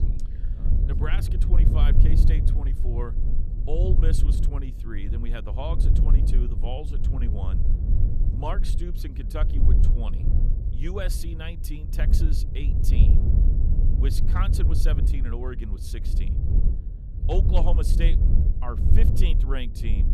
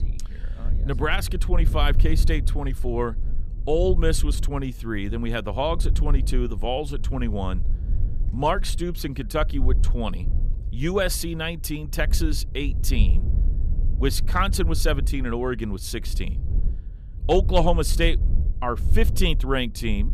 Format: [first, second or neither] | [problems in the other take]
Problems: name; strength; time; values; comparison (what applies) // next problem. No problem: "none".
second | wind noise on the microphone; heavy; 4 dB below the speech; occasional gusts in the second